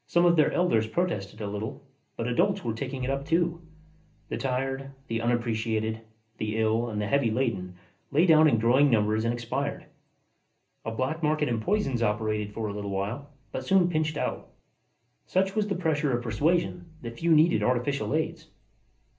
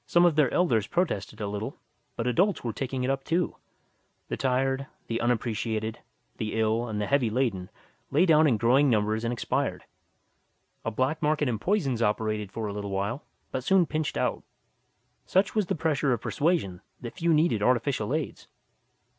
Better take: second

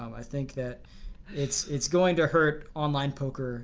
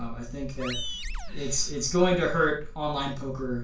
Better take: first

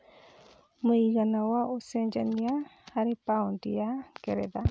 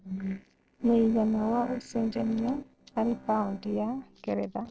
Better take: first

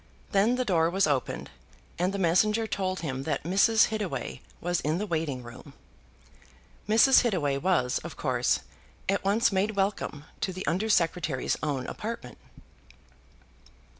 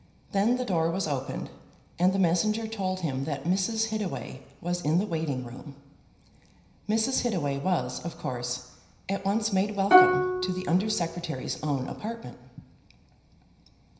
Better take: first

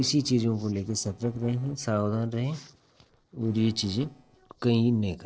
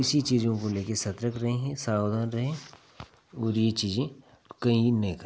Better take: second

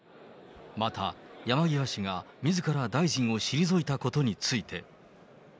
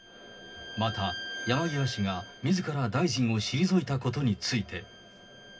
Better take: first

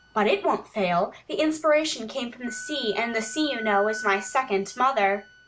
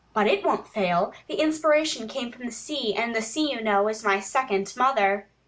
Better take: second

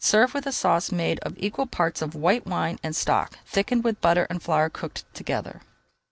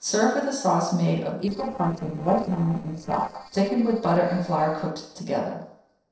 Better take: first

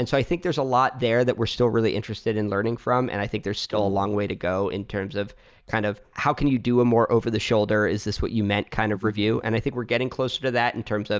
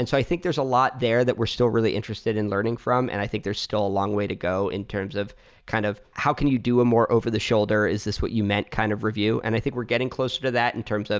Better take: second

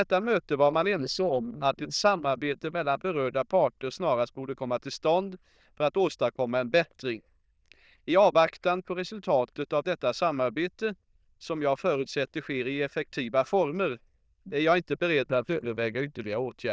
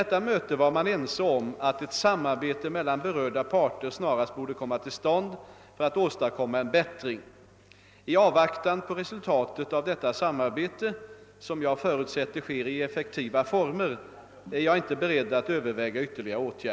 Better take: second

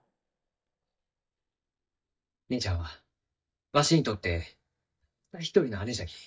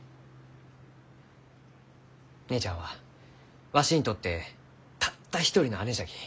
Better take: second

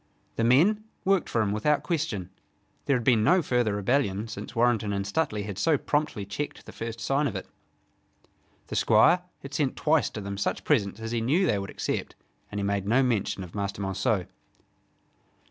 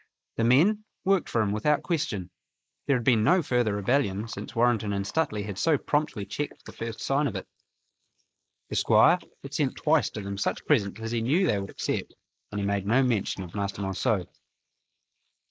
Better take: first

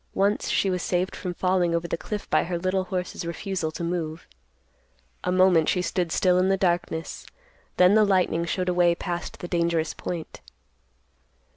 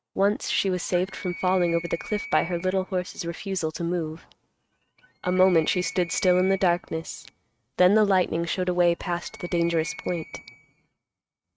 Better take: first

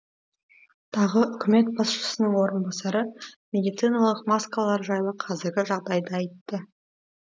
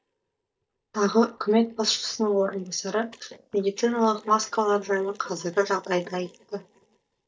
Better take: first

